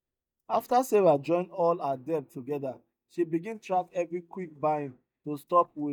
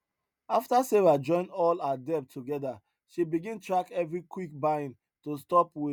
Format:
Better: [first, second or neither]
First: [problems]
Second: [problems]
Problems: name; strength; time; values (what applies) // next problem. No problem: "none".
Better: second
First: noise reduction (neural mask model DeepFilterNet 3)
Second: none